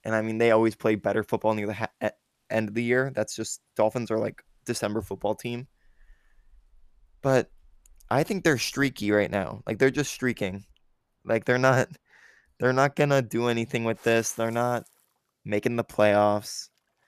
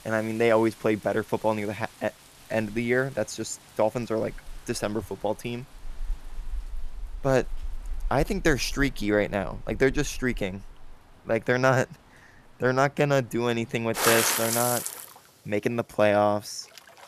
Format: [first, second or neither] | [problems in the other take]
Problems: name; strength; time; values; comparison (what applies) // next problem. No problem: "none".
first | rain or running water; loud; throughout; 5 dB below the speech; faint in the first